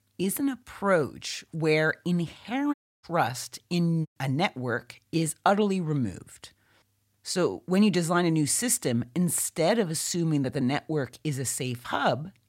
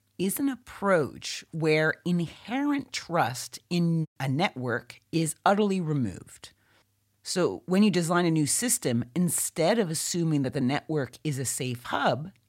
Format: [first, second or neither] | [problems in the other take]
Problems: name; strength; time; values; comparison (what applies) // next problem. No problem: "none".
second | audio cutting out; at 2.5 s